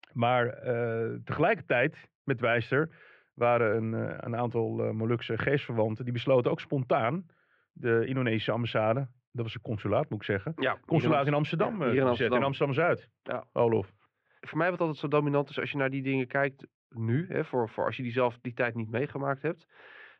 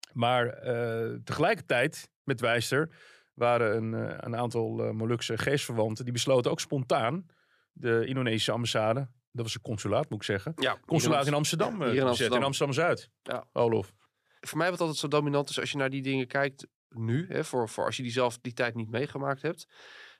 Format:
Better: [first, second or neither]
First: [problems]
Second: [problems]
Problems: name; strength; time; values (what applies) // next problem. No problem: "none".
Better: second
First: muffled; very; fading above 2.5 kHz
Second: none